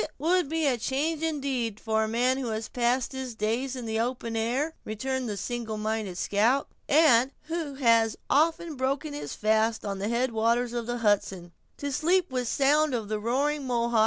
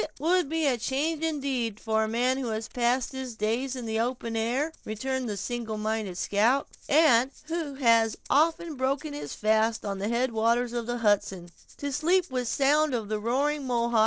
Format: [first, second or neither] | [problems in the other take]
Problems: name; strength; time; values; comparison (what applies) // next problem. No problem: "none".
first | noise reduction (neural separator model SepFormer DNS4)